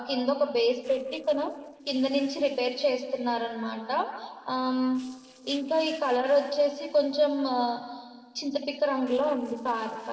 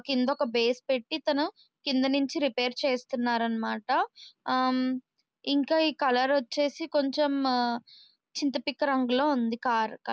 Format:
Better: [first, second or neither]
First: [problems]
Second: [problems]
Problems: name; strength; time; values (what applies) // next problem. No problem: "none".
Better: second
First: noise reduction (neural separator model SepFormer DNS4)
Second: none